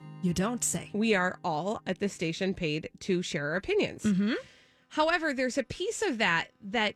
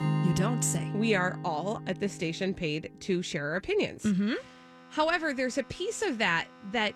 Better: first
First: background music; faint; throughout; 25 dB below the speech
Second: background music; loud; throughout; 5 dB below the speech

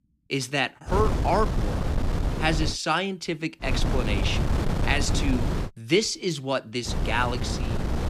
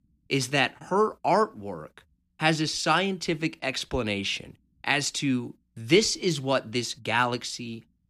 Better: second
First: wind noise on the microphone; heavy; from 1 to 2.5 s, from 3.5 to 5.5 s and from 7 s on; 7 dB below the speech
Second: none

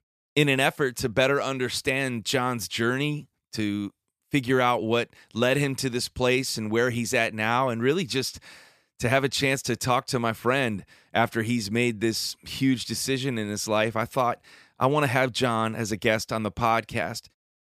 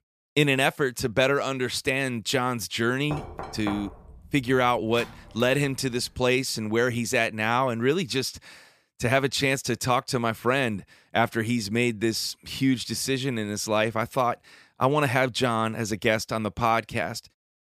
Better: first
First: none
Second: door banging; faint; from 3 to 5.5 s; peak 10 dB below the speech

